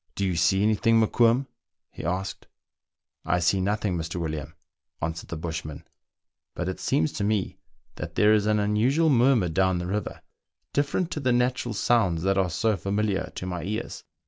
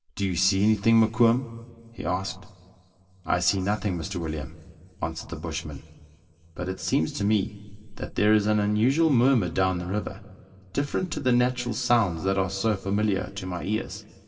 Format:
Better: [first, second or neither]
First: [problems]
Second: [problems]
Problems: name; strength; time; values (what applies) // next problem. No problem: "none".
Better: first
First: none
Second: room echo; dies away in 1.9 s